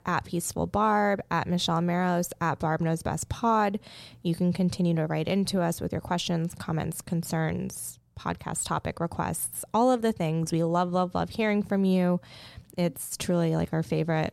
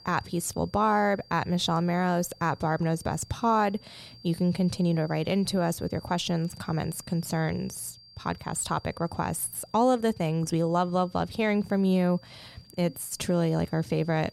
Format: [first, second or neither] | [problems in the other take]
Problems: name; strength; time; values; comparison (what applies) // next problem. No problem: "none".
first | high-pitched whine; faint; throughout; 4.5 kHz, 25 dB below the speech